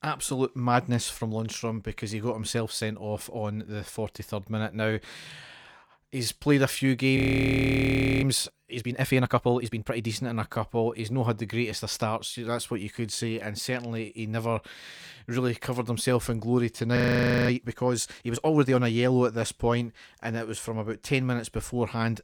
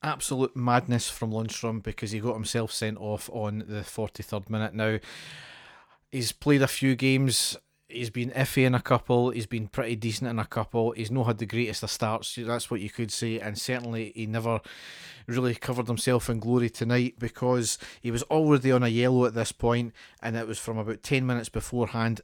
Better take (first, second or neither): second